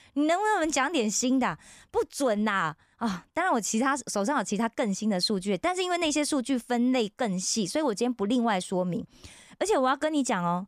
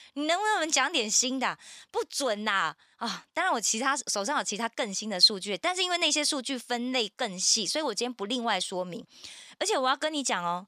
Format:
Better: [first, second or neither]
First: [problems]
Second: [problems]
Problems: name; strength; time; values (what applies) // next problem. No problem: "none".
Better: first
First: none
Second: thin; very slightly; fading below 550 Hz